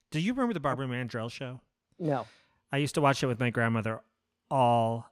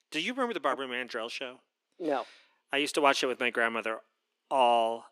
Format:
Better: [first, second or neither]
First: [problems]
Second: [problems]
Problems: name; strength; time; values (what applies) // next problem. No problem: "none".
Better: first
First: none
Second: thin; somewhat; fading below 350 Hz